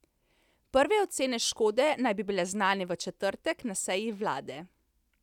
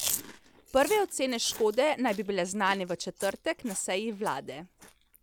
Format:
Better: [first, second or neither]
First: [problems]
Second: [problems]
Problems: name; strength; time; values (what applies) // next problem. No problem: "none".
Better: first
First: none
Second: background sound (Chewing, mastication); 12 dB below the speech